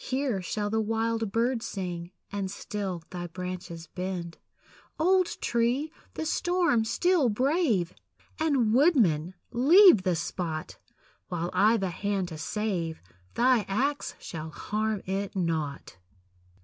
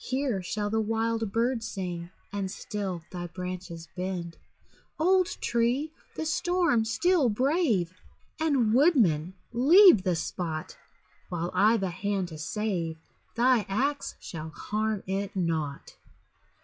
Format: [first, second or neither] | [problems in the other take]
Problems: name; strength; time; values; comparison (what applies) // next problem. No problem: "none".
first | noise reduction (classical method log-MMSE)